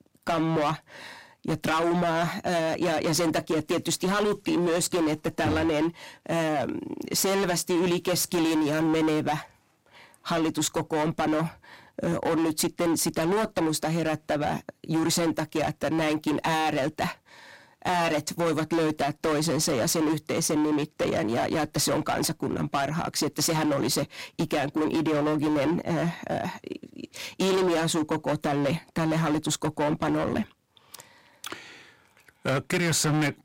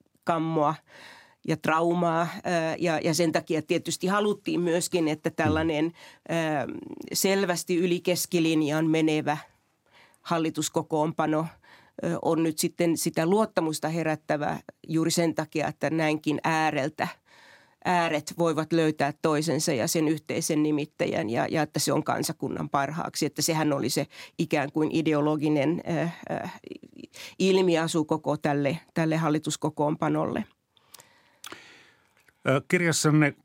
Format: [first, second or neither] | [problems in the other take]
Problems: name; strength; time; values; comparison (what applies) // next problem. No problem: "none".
second | distortion; heavy; 19% of the sound clipped